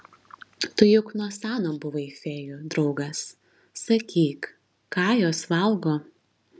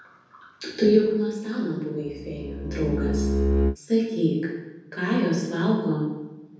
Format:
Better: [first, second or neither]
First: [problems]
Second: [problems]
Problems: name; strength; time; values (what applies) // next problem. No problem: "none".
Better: first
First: none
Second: background sound (Bowed string instrument); 1 dB above the speech // room echo; dies away in 1.1 s